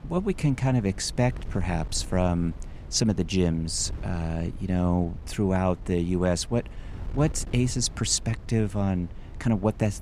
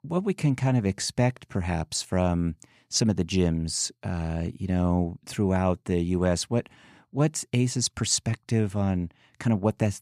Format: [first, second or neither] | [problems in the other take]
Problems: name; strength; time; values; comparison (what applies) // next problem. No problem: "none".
second | wind noise on the microphone; occasional gusts; 20 dB below the speech